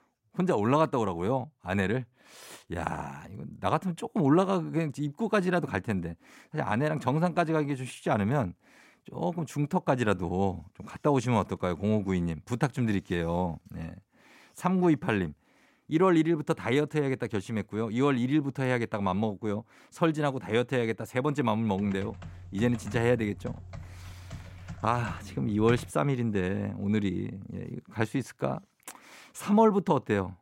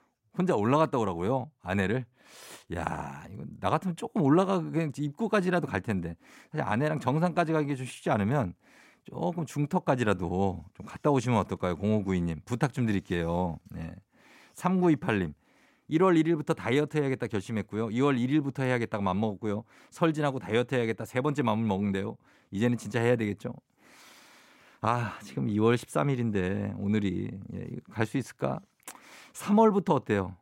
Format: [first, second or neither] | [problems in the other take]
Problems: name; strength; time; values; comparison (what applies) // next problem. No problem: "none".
second | keyboard typing; faint; from 22 to 26 s; peak 10 dB below the speech